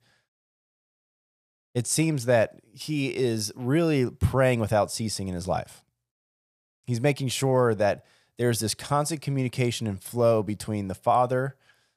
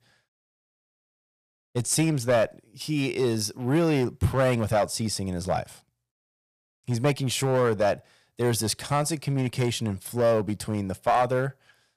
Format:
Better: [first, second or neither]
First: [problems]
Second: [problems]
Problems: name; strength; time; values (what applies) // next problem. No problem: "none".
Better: first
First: none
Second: distortion; slight; 4% of the sound clipped